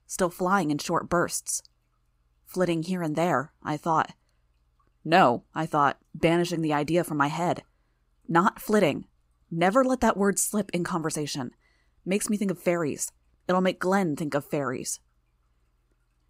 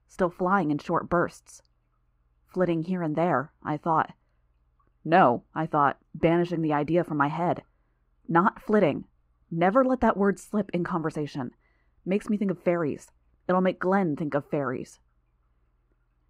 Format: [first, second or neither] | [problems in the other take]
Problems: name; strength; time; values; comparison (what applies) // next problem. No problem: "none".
first | muffled; very; fading above 3.5 kHz